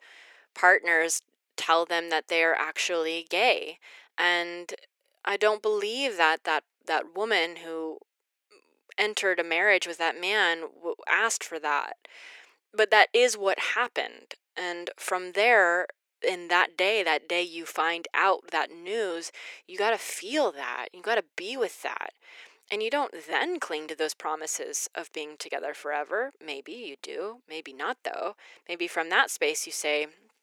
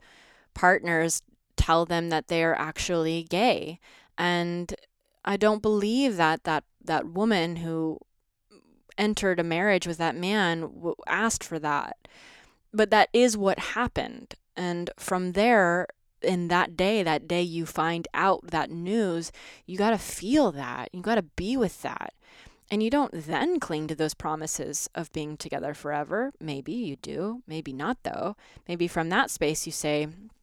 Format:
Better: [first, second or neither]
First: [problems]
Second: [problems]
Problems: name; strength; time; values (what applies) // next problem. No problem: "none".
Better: second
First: thin; very; fading below 400 Hz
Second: none